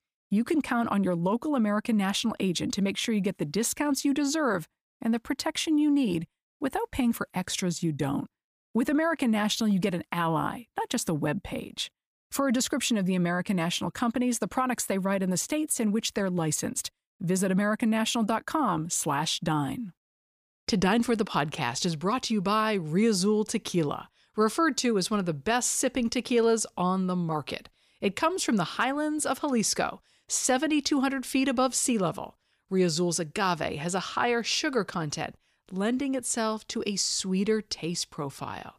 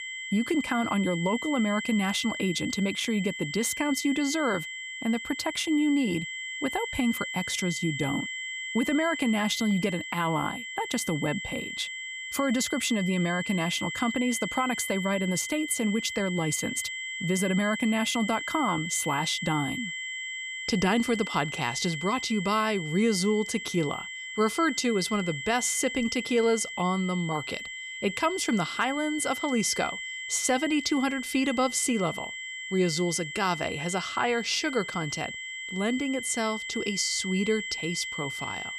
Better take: first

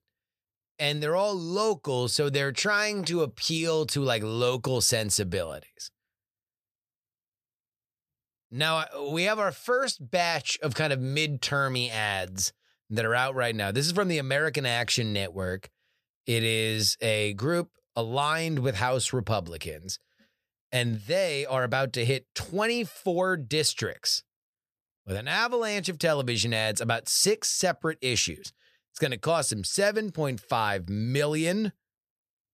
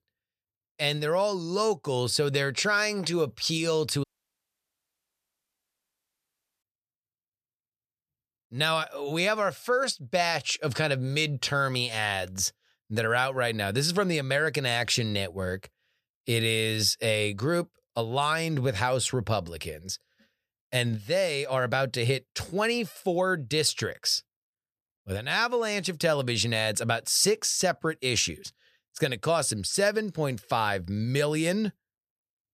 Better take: first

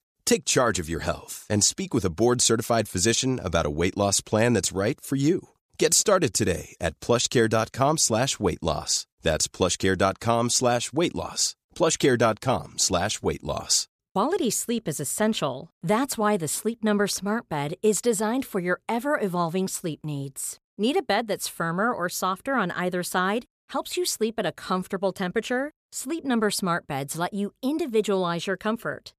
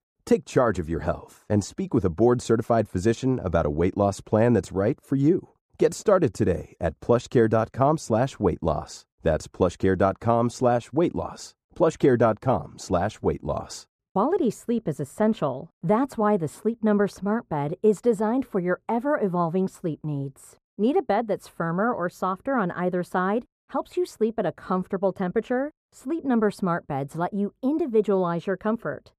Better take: first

